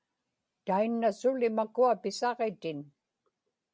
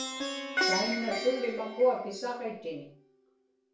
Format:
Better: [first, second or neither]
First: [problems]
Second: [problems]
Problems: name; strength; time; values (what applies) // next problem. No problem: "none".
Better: first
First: none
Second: background sound (Plucked string instrument); 3 dB below the speech // room echo; dies away in 0.5 s